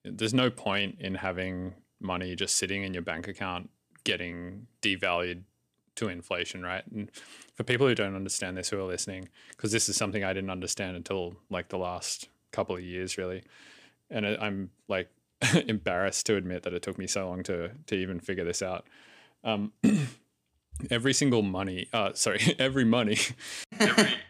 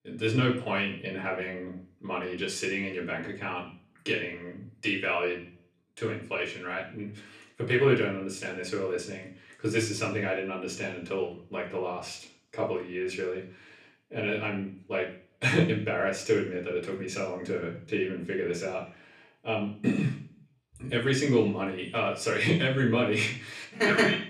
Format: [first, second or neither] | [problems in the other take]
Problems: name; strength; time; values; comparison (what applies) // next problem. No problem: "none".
first | room echo; slight; dies away in 0.5 s // off-mic speech; far